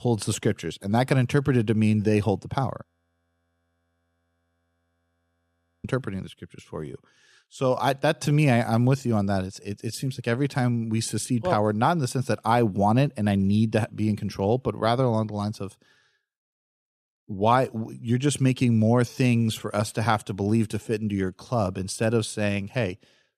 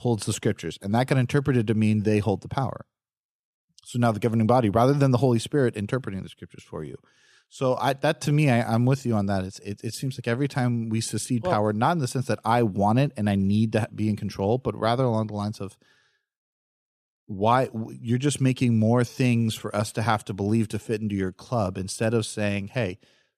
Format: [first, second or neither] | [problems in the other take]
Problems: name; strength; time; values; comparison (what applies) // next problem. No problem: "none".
second | audio freezing; at 3 s for 3 s